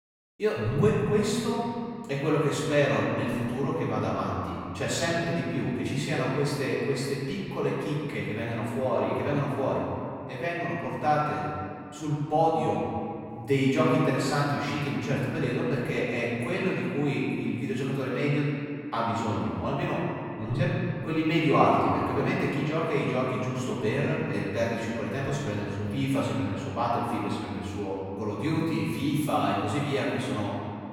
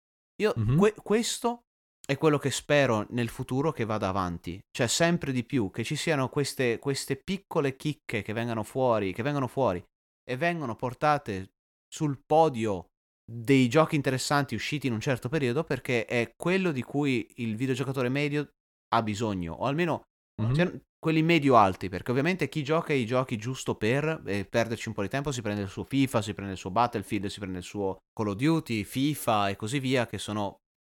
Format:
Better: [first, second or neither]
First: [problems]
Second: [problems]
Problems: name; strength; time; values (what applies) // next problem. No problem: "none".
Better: second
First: off-mic speech; far // room echo; strong; dies away in 2.3 s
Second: none